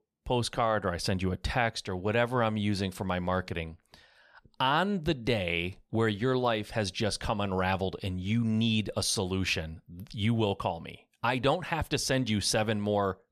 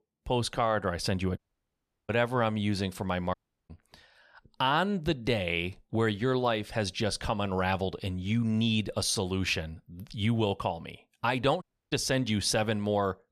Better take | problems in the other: first | audio cutting out; at 1.5 s for 0.5 s, at 3.5 s and at 12 s

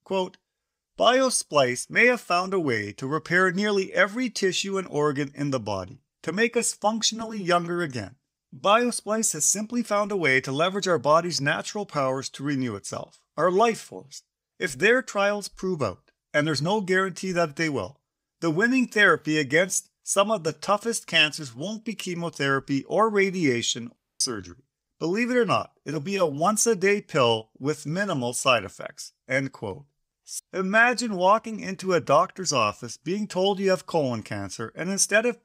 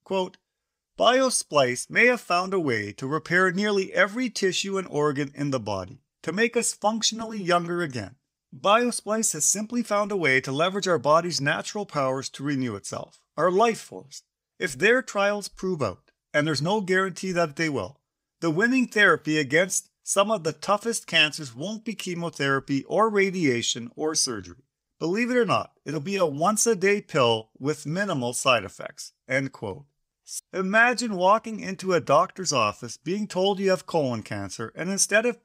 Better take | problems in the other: second | audio cutting out; at 24 s

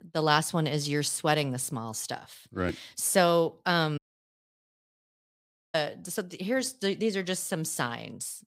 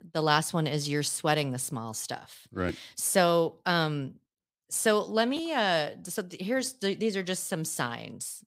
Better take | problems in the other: second | audio cutting out; at 4 s for 2 s

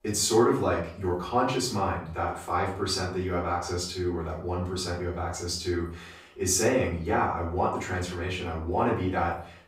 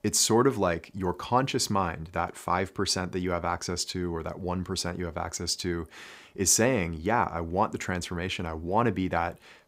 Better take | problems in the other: second | off-mic speech; far // room echo; noticeable; dies away in 0.4 s

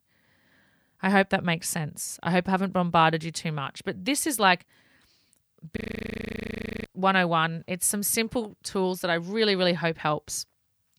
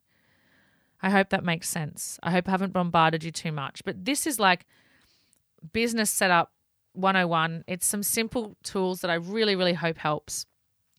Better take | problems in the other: second | audio freezing; at 6 s for 1 s

